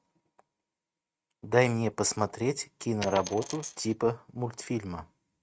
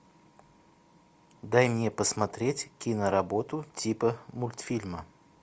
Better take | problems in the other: second | noise reduction (neural mask model RNNoise)

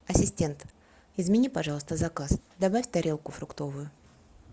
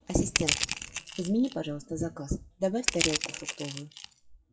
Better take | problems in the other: first | noise reduction (classical method WPE with log-MMSE)

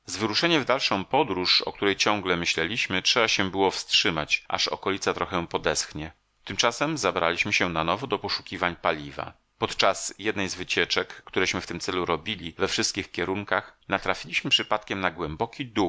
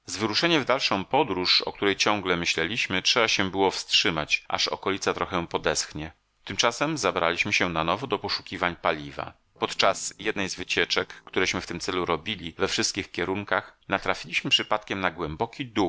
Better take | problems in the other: first | noise reduction (neural separator model SepFormer DNS4)

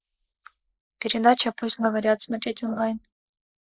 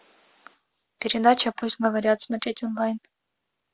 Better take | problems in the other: second | noise reduction (neural mask model Resemble Enhance denoiser)

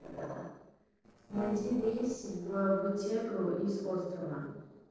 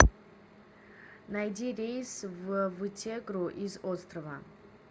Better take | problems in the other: second | noise reduction (neural separator model SepFormer DNS4)

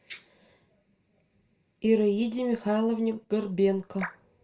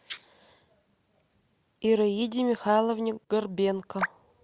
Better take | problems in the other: second | room echo; dies away in 0.2 s

